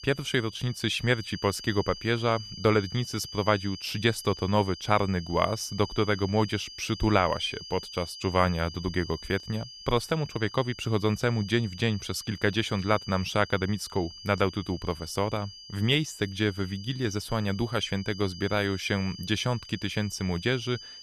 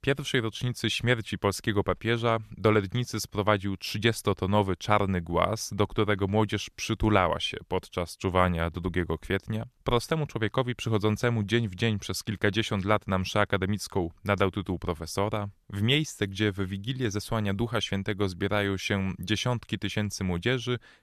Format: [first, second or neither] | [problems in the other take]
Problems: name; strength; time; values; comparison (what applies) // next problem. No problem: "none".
second | high-pitched whine; noticeable; throughout; 5 kHz, 15 dB below the speech